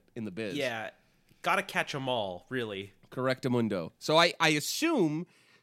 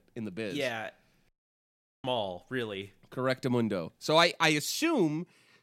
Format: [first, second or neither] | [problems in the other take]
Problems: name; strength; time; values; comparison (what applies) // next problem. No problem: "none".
first | audio cutting out; at 1.5 s for 1 s